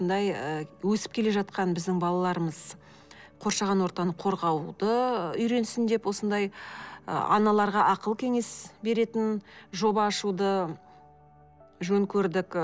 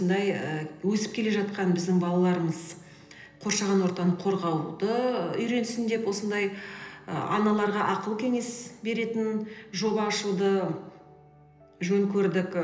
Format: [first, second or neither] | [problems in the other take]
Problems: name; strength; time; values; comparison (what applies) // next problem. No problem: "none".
first | room echo; dies away in 0.8 s